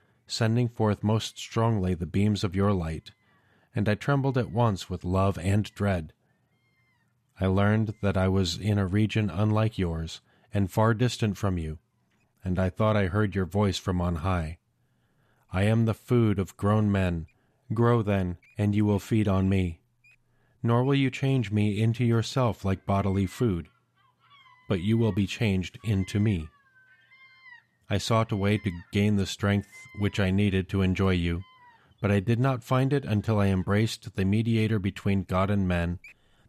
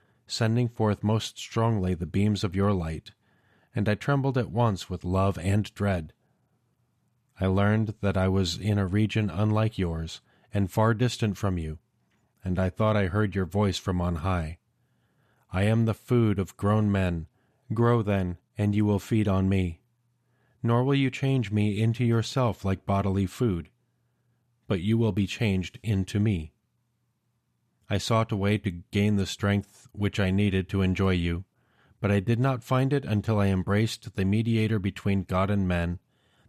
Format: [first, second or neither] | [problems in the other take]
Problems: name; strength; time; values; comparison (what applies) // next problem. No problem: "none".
second | animal sounds; faint; throughout; 30 dB below the speech